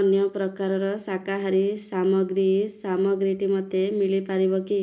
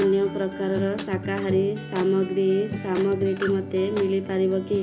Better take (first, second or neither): first